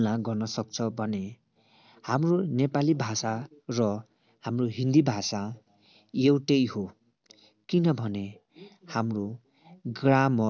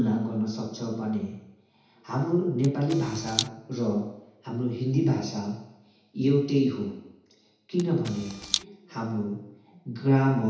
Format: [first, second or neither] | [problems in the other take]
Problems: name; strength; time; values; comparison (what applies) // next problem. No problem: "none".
first | background sound (Camera); 6 dB below the speech // room echo; dies away in 0.8 s